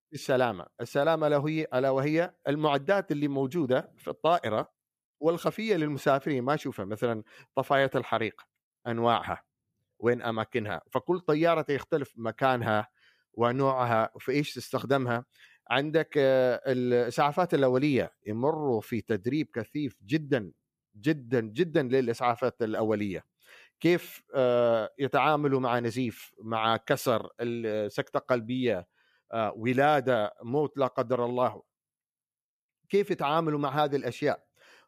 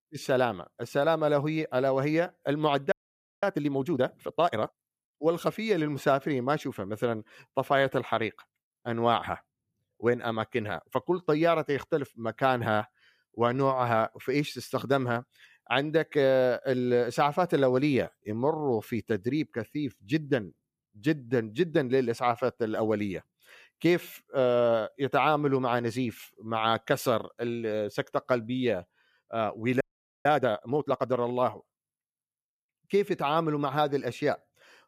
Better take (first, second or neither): first